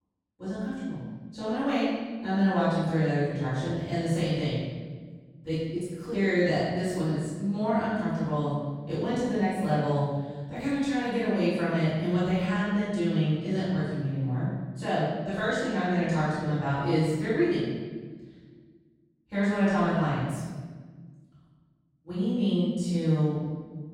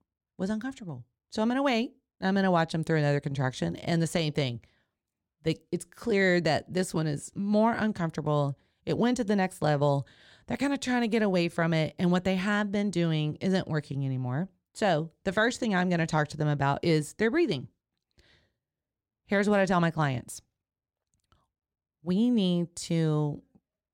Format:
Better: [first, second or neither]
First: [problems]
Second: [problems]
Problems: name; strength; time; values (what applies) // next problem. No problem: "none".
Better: second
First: off-mic speech; far // room echo; strong; dies away in 1.4 s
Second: none